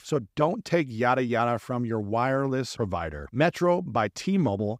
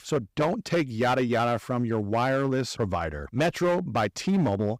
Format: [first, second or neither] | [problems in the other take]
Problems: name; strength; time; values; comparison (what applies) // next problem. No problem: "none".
first | distortion; slight; 10% of the sound clipped